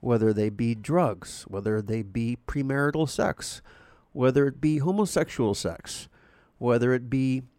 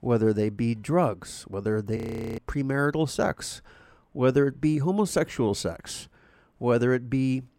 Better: first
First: none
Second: audio freezing; at 2 s

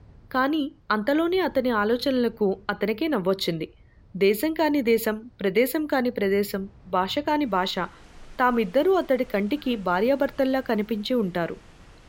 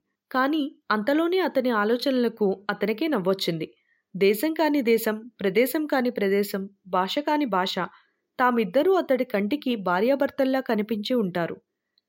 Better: second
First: wind in the background; faint; throughout; 30 dB below the speech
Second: none

